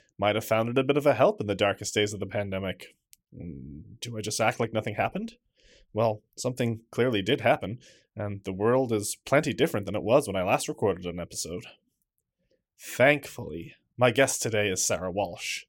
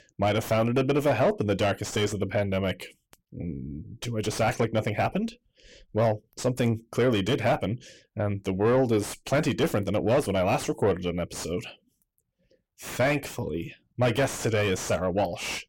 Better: first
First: none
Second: distortion; heavy; 6 dB below the speech

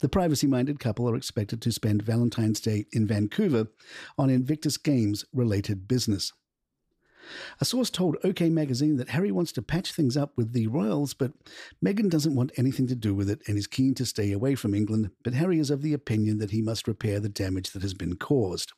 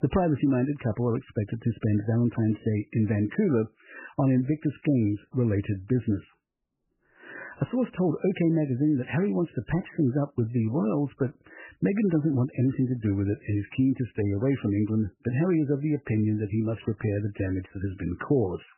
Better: first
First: none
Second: garbled, watery; badly; nothing above 3 kHz

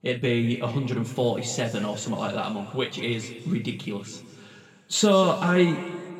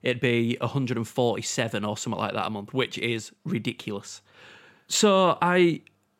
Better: second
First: room echo; noticeable; dies away in 1.9 s // off-mic speech; far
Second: none

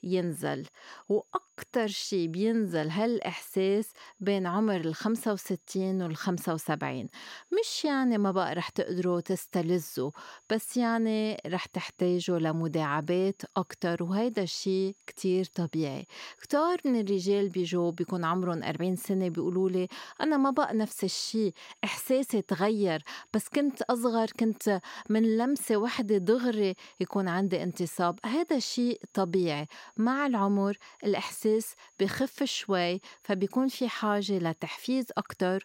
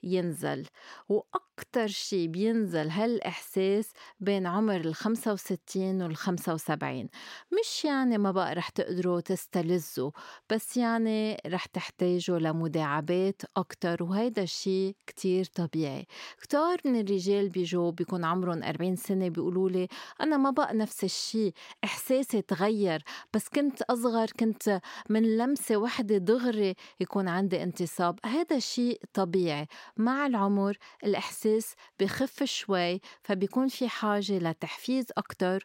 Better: second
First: high-pitched whine; faint; throughout; 6.5 kHz, 35 dB below the speech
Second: none

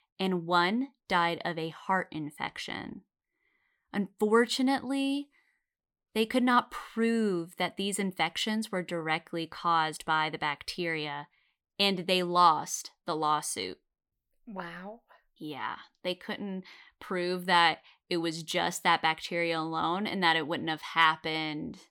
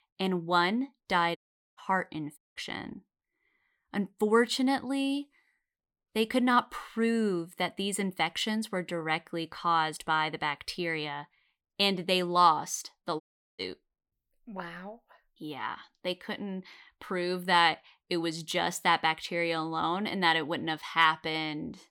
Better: first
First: none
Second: audio cutting out; at 1.5 s, at 2.5 s and at 13 s

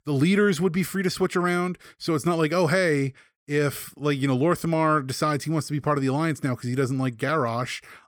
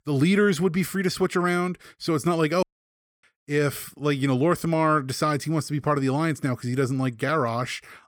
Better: first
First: none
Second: audio cutting out; at 2.5 s for 0.5 s

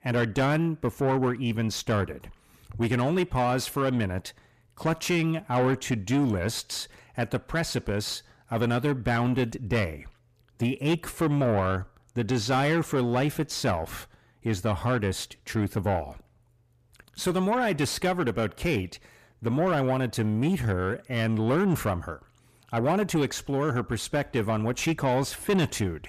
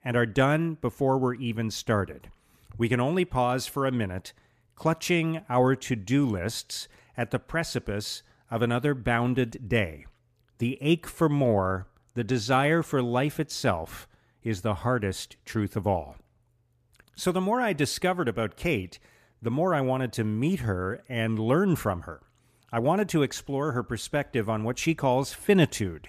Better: second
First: distortion; slight; 10 dB below the speech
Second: none

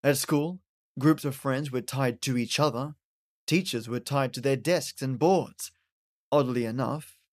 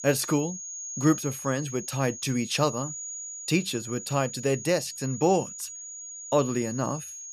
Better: first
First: none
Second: high-pitched whine; loud; throughout; 7 kHz, 9 dB below the speech

